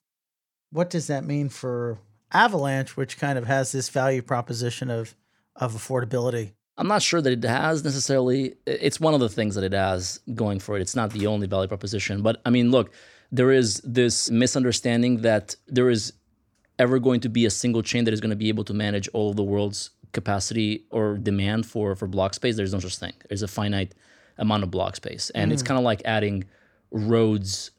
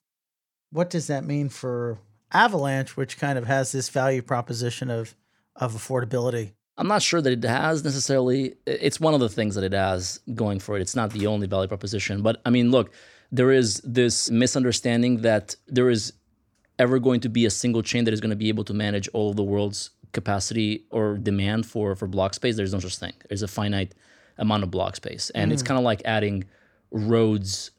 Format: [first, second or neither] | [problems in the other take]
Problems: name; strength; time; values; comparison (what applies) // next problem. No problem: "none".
neither | none